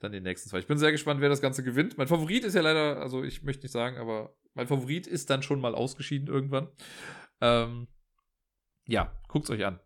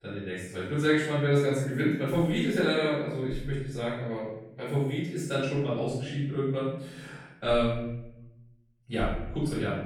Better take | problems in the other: first | room echo; strong; dies away in 0.9 s // off-mic speech; far

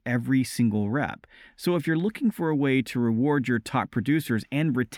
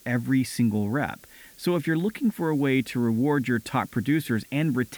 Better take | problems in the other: first | hiss; faint; throughout; 25 dB below the speech

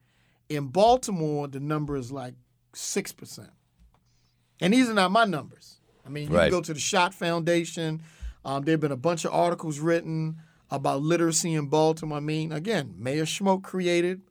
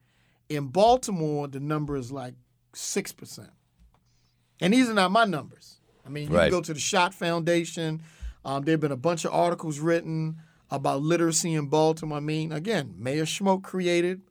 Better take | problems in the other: neither | none

